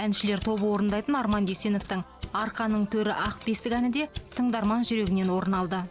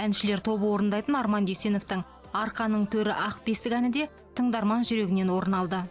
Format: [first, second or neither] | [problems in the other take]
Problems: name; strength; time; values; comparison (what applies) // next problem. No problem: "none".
second | background sound (Mechanisms); 17 dB below the speech